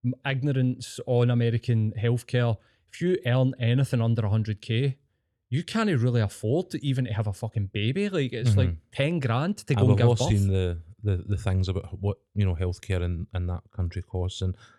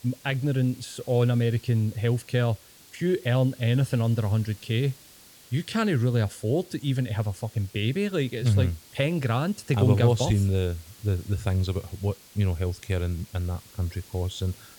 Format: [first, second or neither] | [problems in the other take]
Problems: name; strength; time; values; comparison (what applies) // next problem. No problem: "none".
first | hiss; faint; throughout; 20 dB below the speech